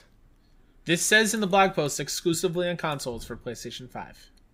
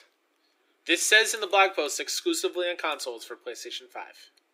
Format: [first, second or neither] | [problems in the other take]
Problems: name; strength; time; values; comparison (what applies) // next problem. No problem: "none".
first | thin; very; fading below 300 Hz